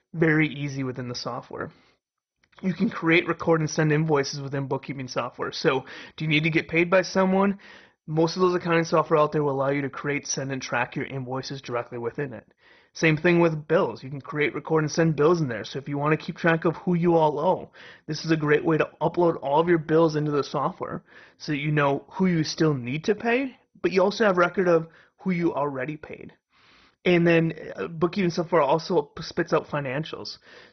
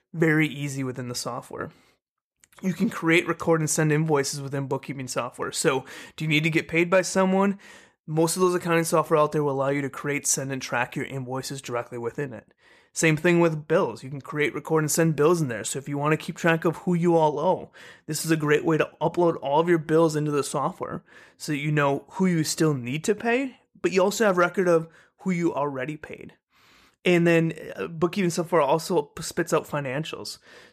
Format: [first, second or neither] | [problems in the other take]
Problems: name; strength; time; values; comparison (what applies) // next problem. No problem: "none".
second | garbled, watery; badly; nothing above 6 kHz